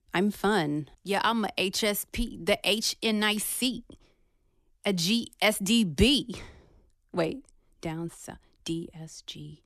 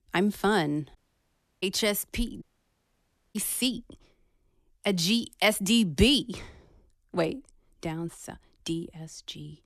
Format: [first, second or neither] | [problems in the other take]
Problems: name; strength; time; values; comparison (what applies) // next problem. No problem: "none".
first | audio cutting out; at 1 s for 0.5 s and at 2.5 s for 1 s